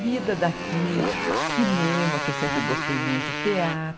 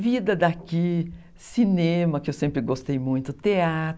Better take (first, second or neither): second